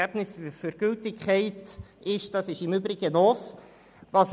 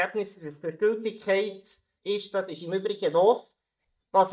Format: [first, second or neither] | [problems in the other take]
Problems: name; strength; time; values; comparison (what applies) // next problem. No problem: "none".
first | noise reduction (neural mask model DeepFilterNet 3)